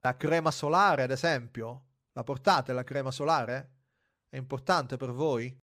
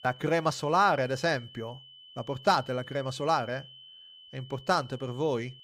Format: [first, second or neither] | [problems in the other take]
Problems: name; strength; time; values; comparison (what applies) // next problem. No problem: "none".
first | high-pitched whine; noticeable; throughout; 3 kHz, 20 dB below the speech